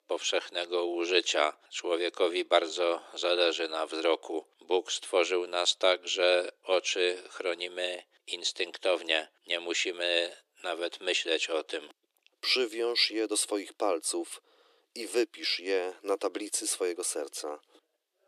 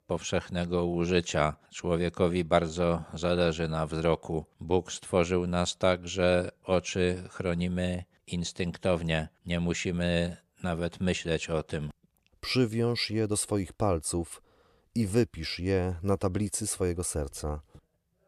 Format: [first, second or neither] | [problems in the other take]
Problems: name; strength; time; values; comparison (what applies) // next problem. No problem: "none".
second | thin; very; fading below 300 Hz